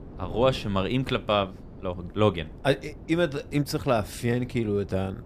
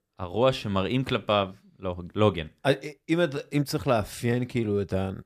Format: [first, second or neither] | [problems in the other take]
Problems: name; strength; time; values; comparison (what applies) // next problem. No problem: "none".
second | wind noise on the microphone; occasional gusts; 20 dB below the speech